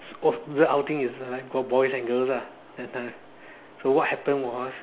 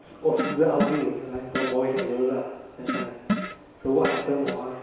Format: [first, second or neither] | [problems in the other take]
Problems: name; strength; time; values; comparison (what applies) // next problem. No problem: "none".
first | background sound (Fart); 6 dB below the speech // room echo; dies away in 1 s